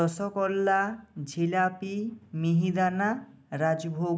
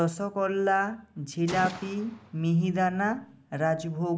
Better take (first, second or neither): first